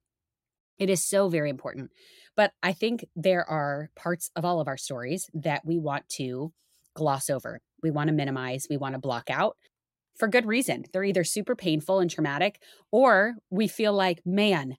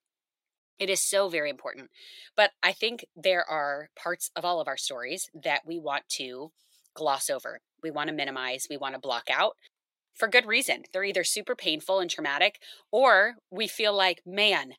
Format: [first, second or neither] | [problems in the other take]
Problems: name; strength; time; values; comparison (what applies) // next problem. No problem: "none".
first | thin; somewhat; fading below 500 Hz